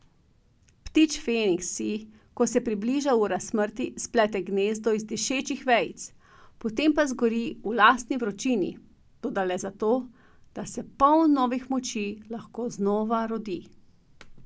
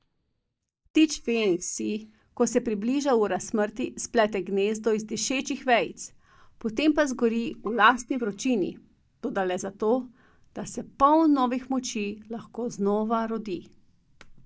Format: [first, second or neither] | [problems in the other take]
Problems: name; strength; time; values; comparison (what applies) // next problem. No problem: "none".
first | noise reduction (neural mask model DeepFilterNet 3)